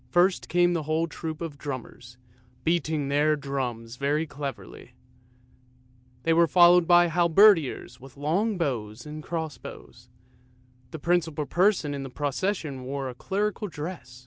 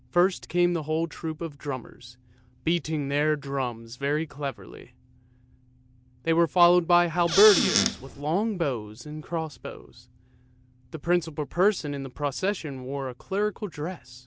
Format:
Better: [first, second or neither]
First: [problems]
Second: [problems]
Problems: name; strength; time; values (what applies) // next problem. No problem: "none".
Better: first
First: none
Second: background sound (Squeak / Cupboard open or close); as loud as the speech